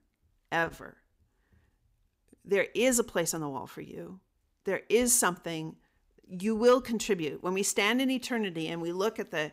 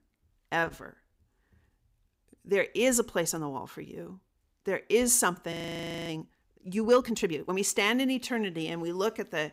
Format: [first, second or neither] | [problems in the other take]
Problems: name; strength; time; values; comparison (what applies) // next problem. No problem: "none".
first | audio freezing; at 5.5 s for 0.5 s